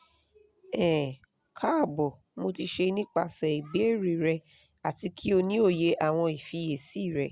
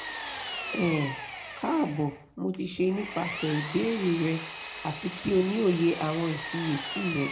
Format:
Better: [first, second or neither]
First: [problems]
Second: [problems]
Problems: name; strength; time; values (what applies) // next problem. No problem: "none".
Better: first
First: none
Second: background sound (Power tool); 9 dB below the speech // room echo; dies away in 0.4 s